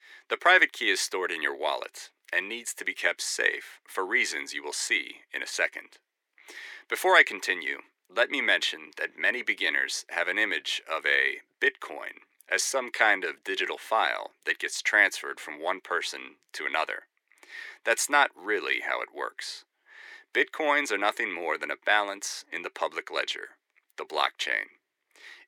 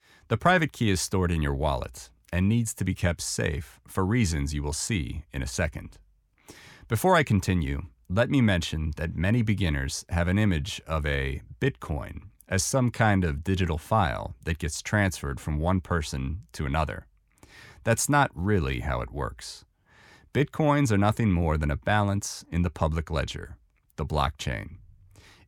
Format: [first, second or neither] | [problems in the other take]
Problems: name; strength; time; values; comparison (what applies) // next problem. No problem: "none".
second | thin; very; fading below 350 Hz